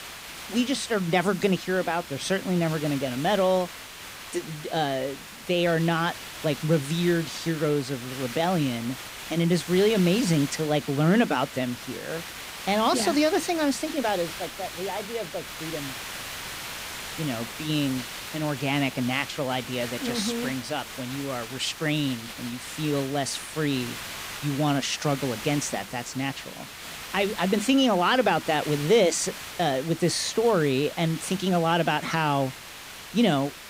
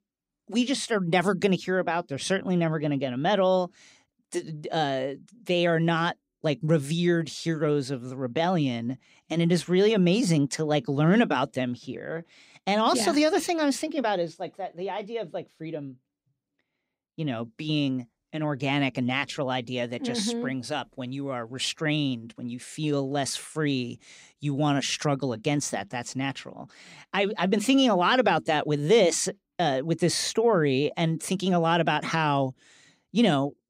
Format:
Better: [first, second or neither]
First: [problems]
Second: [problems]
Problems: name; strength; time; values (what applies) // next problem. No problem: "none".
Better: second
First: hiss; noticeable; throughout; 10 dB below the speech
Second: none